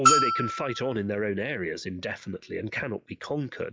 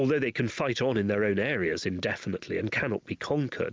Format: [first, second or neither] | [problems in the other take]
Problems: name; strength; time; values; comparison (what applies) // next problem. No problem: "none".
second | noise reduction (classical method log-MMSE)